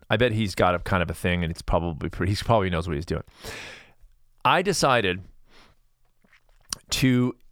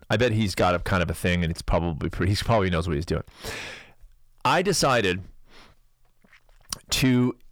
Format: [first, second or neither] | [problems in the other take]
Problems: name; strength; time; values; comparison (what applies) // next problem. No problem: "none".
first | distortion; slight; 10 dB below the speech